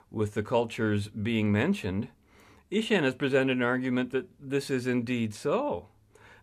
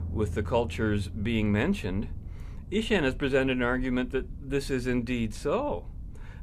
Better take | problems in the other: first | low rumble; faint; throughout; 25 dB below the speech

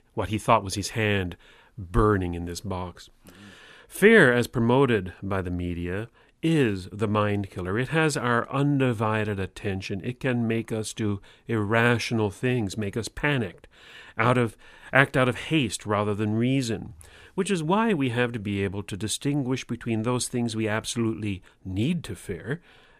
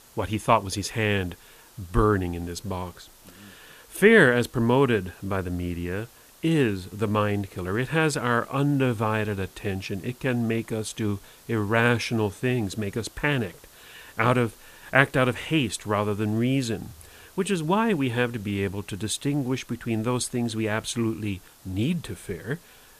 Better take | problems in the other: first | hiss; faint; throughout; 25 dB below the speech

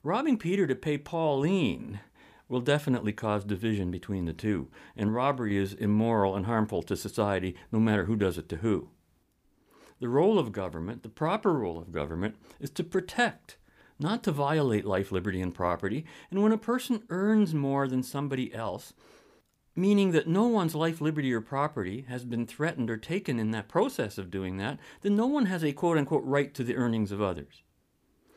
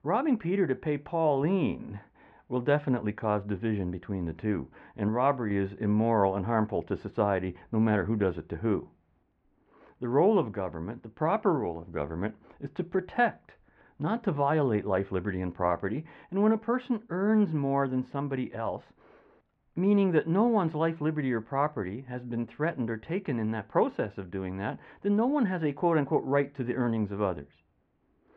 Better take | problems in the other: first | muffled; very; fading above 2.5 kHz

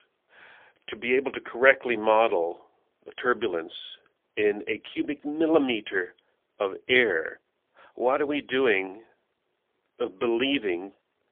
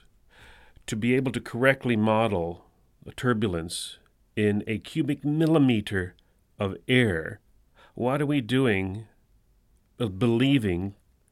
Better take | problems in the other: second | phone-call audio; poor line; nothing above 3.5 kHz

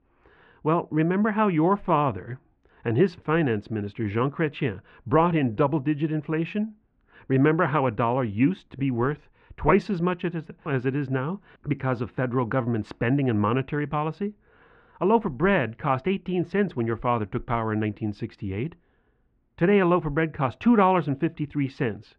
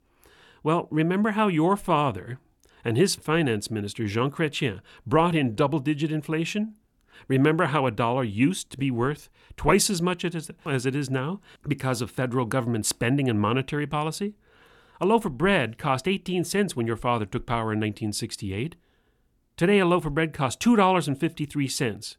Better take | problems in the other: second | muffled; very; fading above 2 kHz

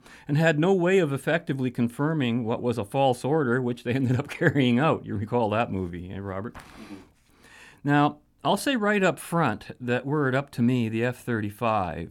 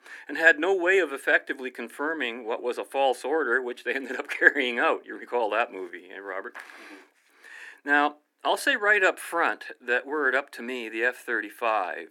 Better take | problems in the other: first | thin; very; fading below 300 Hz

